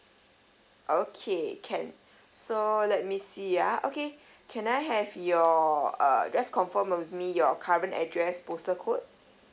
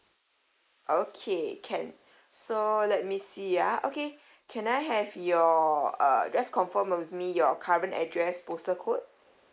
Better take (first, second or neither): first